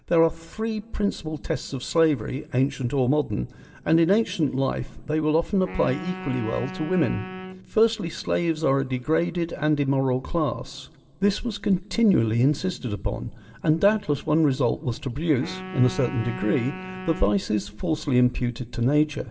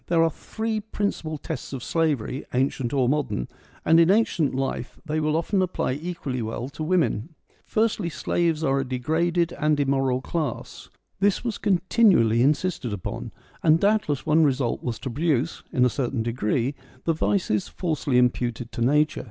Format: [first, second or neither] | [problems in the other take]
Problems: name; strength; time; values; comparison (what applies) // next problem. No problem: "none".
second | background sound (Wind instrument, woodwind instrument); 13 dB below the speech // room echo; dies away in 0.3 s